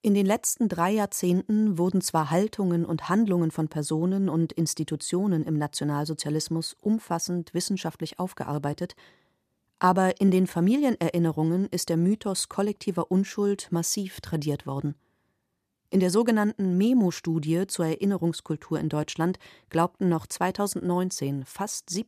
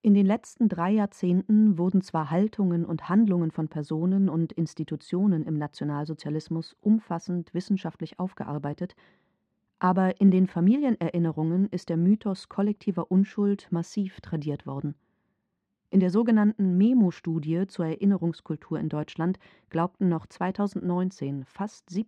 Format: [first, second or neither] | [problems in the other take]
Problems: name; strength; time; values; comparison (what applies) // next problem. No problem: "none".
first | muffled; slightly; fading above 3 kHz